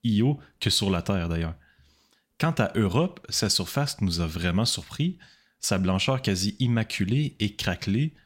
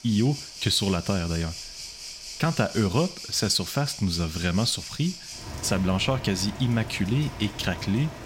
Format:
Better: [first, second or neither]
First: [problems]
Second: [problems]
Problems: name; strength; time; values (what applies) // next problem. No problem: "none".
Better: first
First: none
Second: rain or running water; noticeable; throughout; 10 dB below the speech